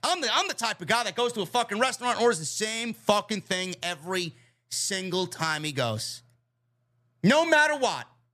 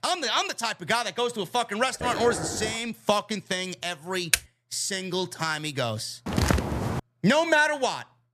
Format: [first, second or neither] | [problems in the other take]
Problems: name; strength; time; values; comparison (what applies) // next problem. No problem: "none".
first | dog barking; noticeable; at 2 s; peak 6 dB below the speech // keyboard typing; very faint; at 4.5 s; peak 1 dB above the speech // footsteps; loud; at 6.5 s; peak 2 dB above the speech